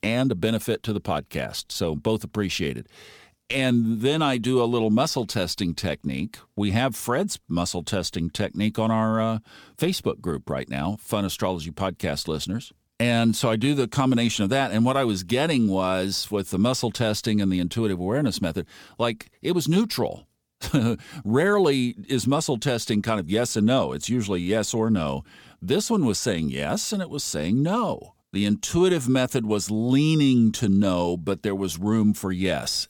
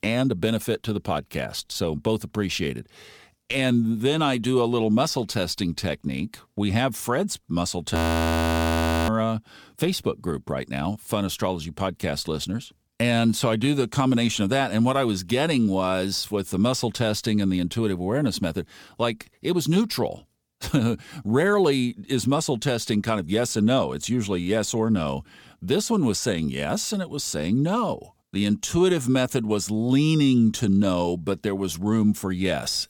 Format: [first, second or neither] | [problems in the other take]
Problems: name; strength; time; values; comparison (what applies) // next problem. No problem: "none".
first | audio freezing; at 8 s for 1 s